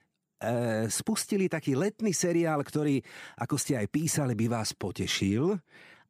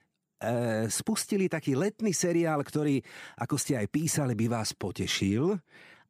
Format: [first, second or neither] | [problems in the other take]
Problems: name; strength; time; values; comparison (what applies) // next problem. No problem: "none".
neither | none